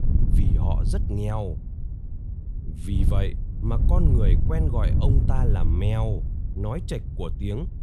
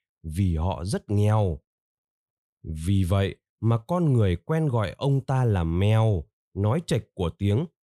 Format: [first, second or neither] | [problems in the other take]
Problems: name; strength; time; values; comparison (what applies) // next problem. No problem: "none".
second | wind noise on the microphone; heavy; 6 dB below the speech